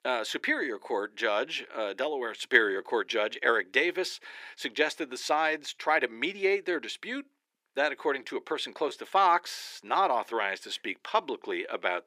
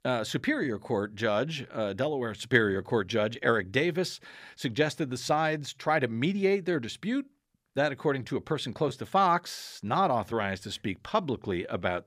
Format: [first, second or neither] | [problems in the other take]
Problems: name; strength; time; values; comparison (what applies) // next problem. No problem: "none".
second | thin; somewhat; fading below 350 Hz